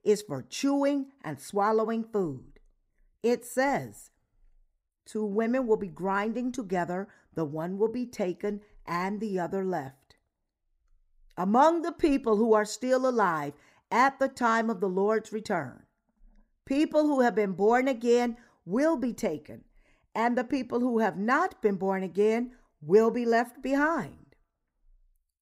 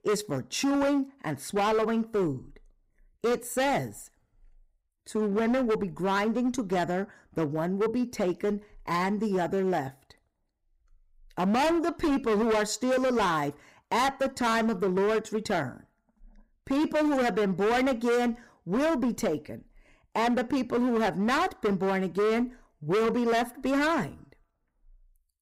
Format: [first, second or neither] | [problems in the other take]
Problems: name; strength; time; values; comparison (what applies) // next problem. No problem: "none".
first | distortion; heavy; 17% of the sound clipped